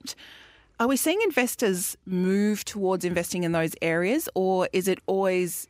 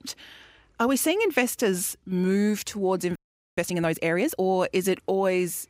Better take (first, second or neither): first